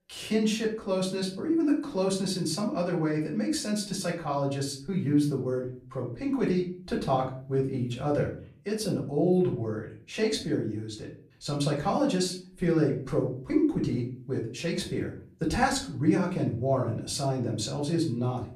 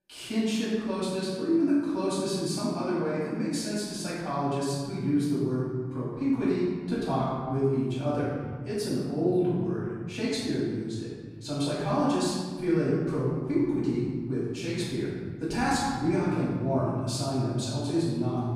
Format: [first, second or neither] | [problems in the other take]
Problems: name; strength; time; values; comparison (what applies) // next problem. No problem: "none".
first | room echo; strong; dies away in 2 s; slight in the first // off-mic speech; far; far in the first